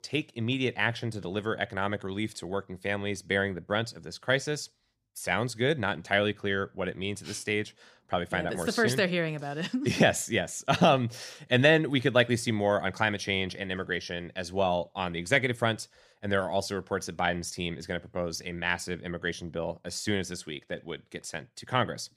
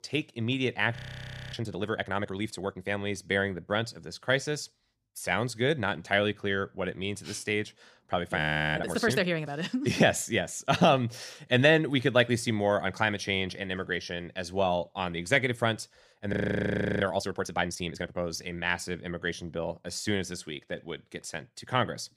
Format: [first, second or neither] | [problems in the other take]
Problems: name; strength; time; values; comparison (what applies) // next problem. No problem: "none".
first | audio freezing; at 1 s for 0.5 s, at 8.5 s and at 16 s for 0.5 s